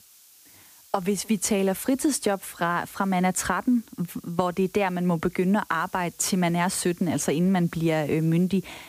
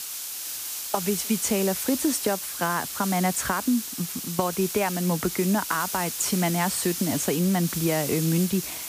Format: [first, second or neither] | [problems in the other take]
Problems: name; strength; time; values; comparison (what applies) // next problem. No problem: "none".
first | hiss; loud; throughout; 4 dB below the speech; faint in the first